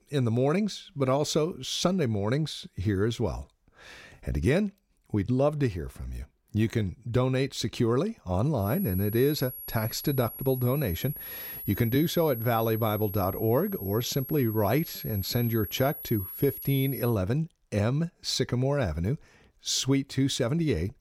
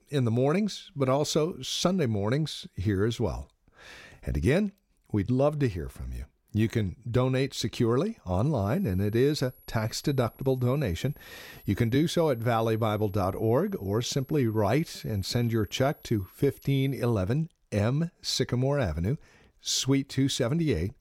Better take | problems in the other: second | high-pitched whine; loud; from 8.5 to 17 s; 11.5 kHz, 10 dB below the speech; faint in the second

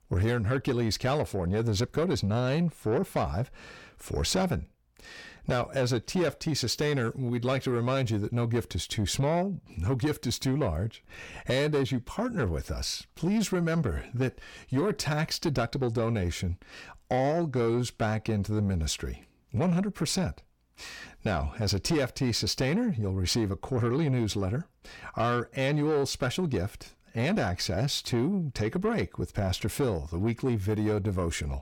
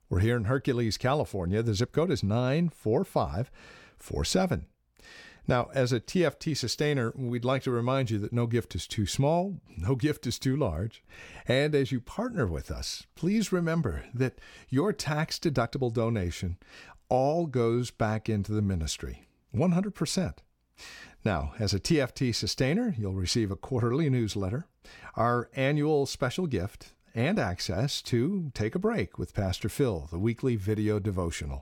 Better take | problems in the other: second | distortion; slight; 10 dB below the speech

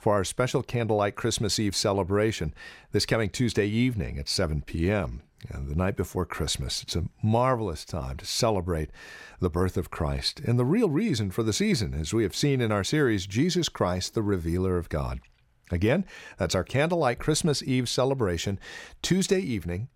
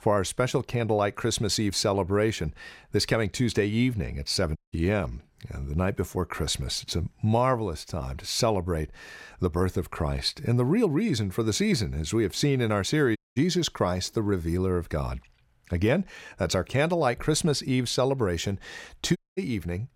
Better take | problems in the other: first | audio cutting out; at 4.5 s, at 13 s and at 19 s

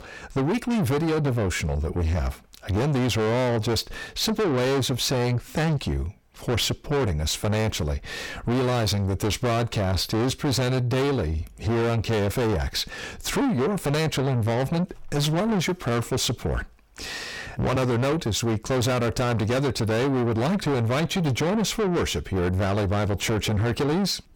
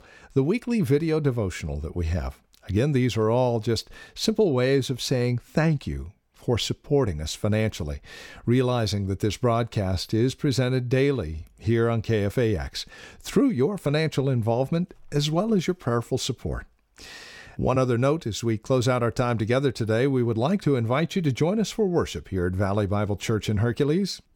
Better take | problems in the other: second | distortion; heavy; 6 dB below the speech

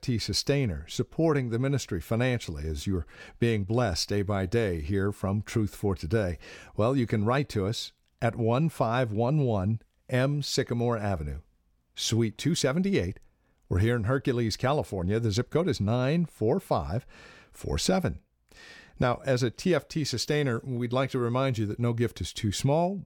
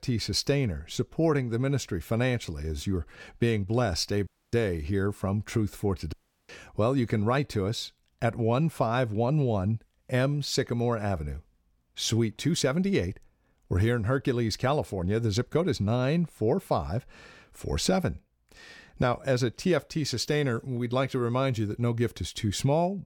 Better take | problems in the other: first | audio cutting out; at 4.5 s and at 6 s

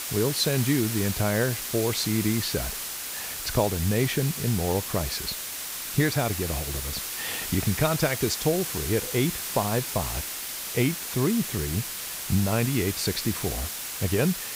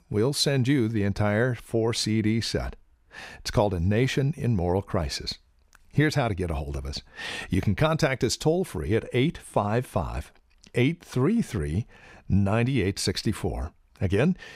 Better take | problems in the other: second | hiss; loud; throughout; 3 dB below the speech

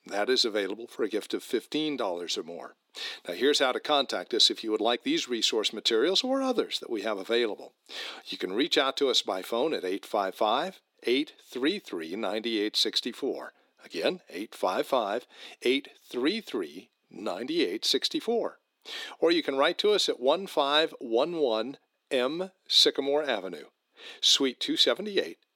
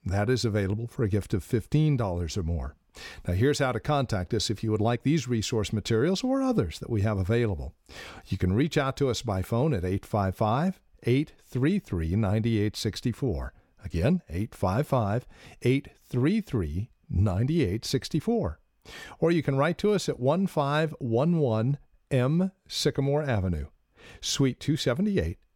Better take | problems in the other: second | thin; somewhat; fading below 300 Hz

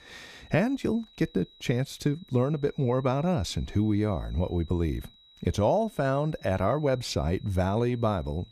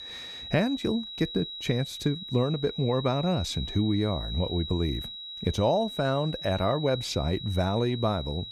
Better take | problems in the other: first | high-pitched whine; loud; throughout; 4 kHz, 9 dB below the speech; faint in the first

